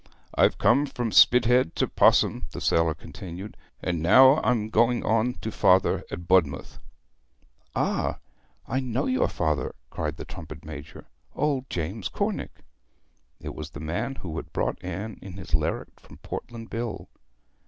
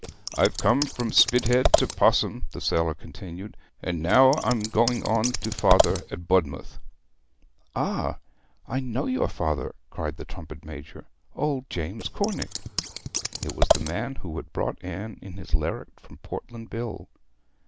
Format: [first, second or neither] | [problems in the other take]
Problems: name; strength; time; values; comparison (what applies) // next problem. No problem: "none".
first | background sound (Scissors); 1 dB below the speech